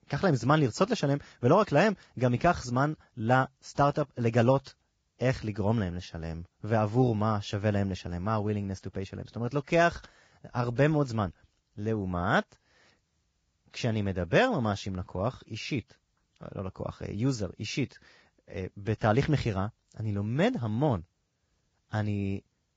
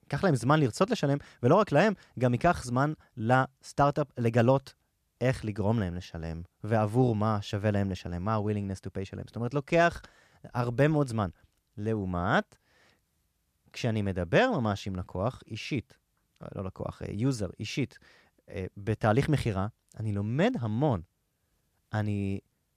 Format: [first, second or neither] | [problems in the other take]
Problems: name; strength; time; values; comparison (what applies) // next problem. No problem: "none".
second | garbled, watery; badly; nothing above 7.5 kHz